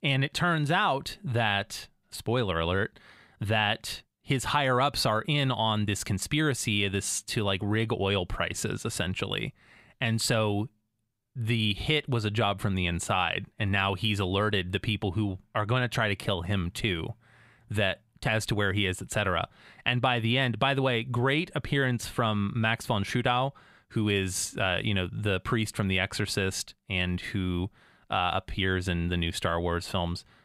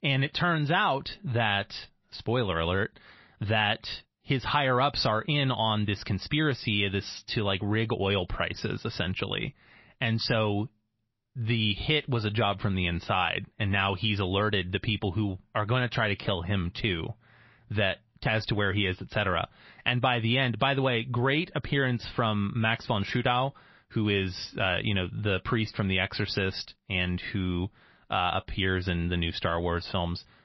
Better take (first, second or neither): first